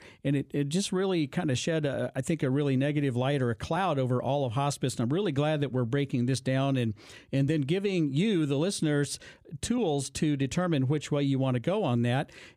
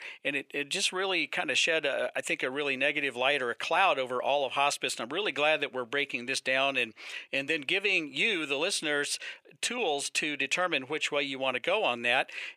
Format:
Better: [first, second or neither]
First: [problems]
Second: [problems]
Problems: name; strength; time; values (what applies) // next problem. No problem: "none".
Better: first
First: none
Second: thin; very; fading below 650 Hz